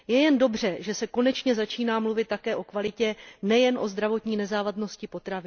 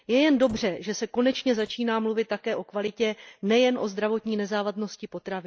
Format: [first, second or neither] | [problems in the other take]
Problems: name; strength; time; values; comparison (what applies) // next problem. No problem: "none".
first | noise reduction (neural mask model DeepFilterNet 3)